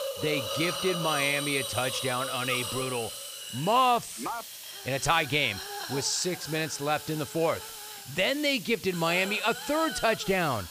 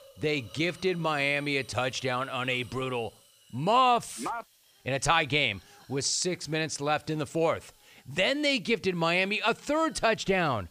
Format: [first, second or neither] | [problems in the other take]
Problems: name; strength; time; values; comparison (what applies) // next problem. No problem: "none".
second | hiss; loud; throughout; 7 dB below the speech; faint in the second